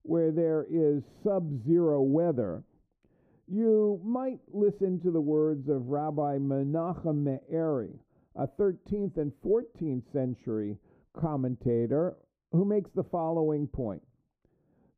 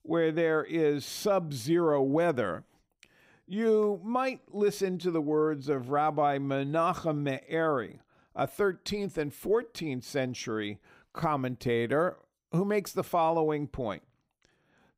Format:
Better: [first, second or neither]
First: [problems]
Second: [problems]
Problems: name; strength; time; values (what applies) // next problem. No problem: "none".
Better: second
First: muffled; very; fading above 1 kHz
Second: none